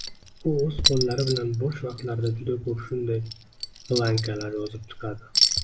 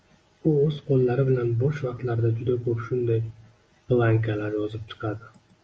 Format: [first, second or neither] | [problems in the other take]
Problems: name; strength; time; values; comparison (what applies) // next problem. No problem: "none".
second | background sound (Chink, clink); 2 dB below the speech